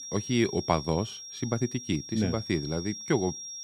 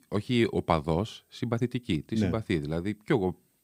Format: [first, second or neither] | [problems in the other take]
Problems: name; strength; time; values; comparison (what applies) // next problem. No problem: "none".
second | high-pitched whine; loud; throughout; 5.5 kHz, 9 dB below the speech